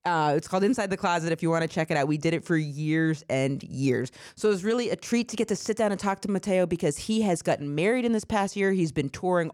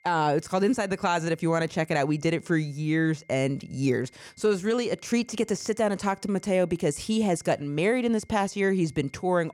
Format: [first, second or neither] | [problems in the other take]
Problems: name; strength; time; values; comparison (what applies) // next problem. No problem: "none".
first | high-pitched whine; faint; throughout; 2 kHz, 35 dB below the speech